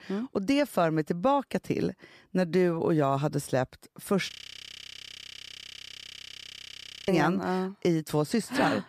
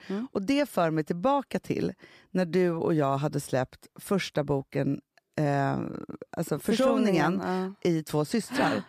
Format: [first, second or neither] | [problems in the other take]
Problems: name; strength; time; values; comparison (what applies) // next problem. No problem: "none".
second | audio freezing; at 4.5 s for 3 s